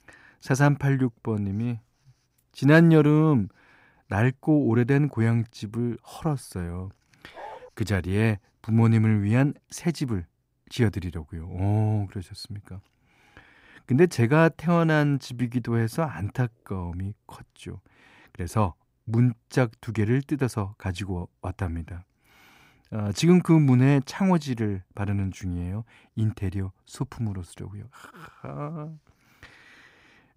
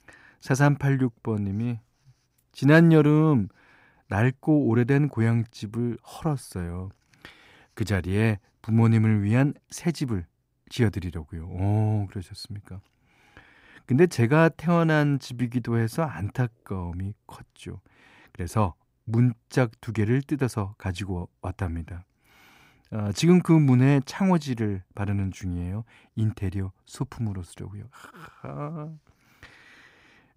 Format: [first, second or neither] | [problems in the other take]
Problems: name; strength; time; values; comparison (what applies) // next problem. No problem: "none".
second | dog barking; faint; at 7.5 s; peak 15 dB below the speech